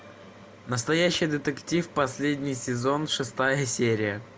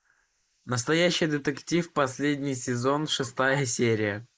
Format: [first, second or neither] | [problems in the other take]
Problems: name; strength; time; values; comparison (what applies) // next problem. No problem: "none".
first | noise reduction (neural mask model Resemble Enhance denoiser)